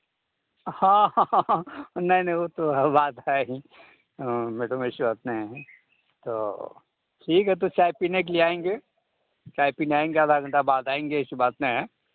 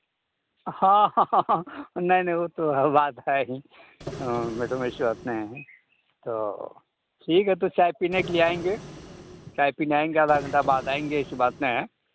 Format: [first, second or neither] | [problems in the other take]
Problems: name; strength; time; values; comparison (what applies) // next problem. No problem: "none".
first | background sound (Printer); 14 dB below the speech